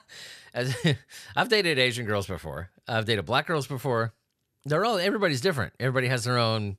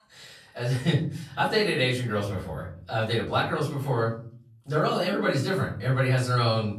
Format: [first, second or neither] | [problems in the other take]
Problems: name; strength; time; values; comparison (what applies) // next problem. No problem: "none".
first | off-mic speech; far // room echo; slight; dies away in 0.6 s